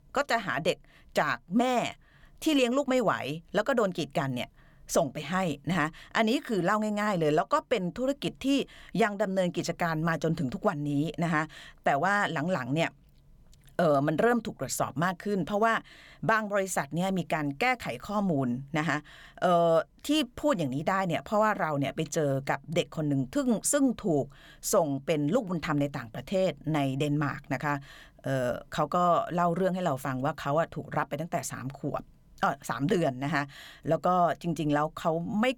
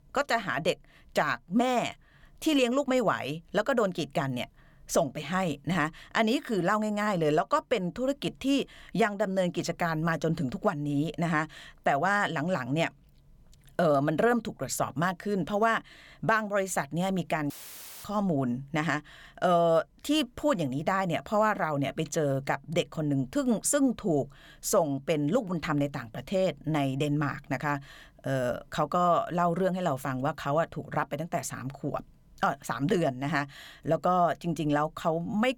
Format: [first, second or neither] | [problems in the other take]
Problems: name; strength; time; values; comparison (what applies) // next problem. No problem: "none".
first | audio cutting out; filled with static; at 18 s for 0.5 s